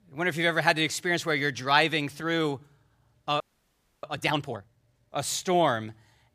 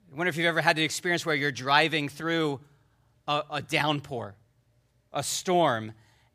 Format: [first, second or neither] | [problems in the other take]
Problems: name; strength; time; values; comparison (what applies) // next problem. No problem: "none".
second | audio freezing; at 3.5 s for 0.5 s